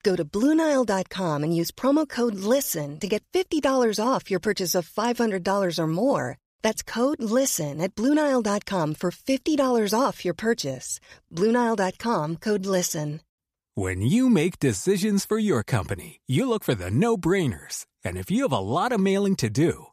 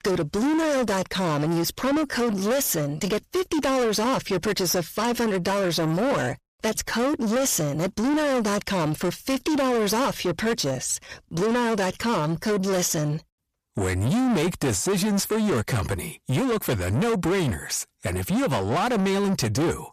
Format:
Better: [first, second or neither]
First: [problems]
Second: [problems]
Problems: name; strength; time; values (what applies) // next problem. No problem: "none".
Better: first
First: none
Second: distortion; heavy; 7 dB below the speech